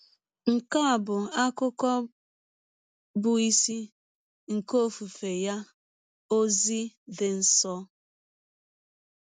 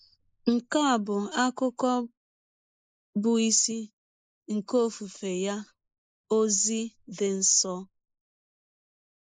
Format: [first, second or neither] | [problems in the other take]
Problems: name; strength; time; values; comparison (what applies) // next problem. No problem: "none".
first | noise reduction (neural mask model Resemble Enhance denoiser)